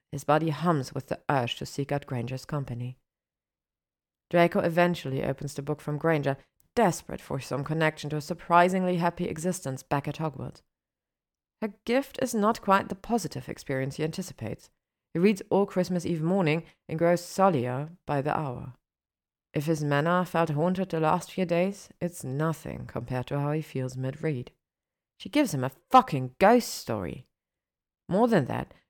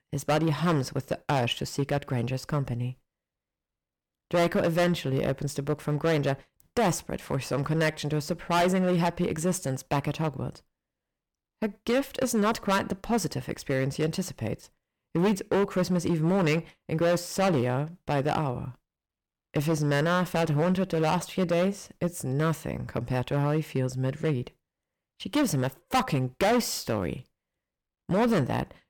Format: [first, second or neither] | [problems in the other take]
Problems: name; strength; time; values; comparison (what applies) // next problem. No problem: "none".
first | distortion; heavy; 8% of the sound clipped